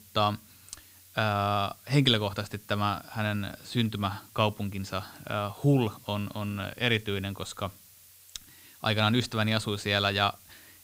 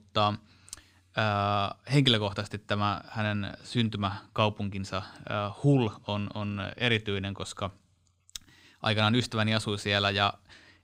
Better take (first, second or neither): second